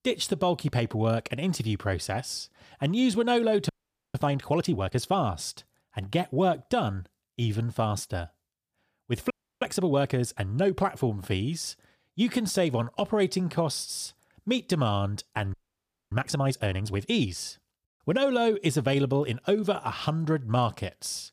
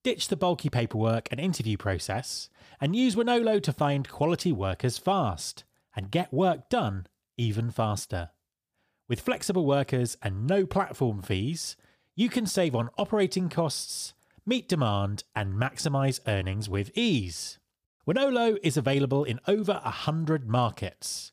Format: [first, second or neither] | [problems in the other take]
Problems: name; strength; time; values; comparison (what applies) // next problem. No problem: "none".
second | audio freezing; at 3.5 s, at 9.5 s and at 16 s for 0.5 s